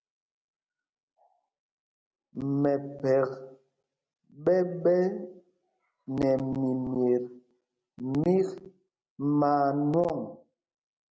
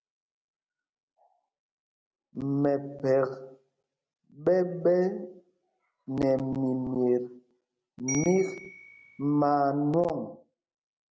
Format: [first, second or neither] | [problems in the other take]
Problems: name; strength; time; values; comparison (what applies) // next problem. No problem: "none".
first | background sound (Bell); 11 dB below the speech